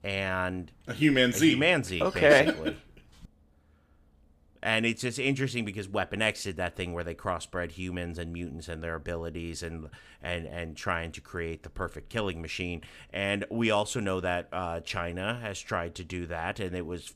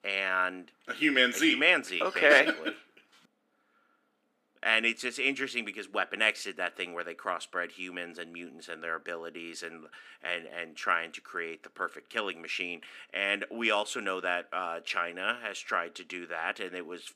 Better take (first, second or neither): first